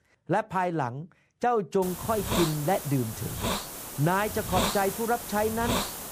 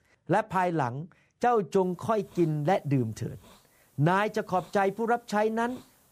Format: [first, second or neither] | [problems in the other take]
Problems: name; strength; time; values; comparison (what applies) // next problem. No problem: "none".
second | hiss; loud; from 2 s on; 3 dB below the speech; faint in the second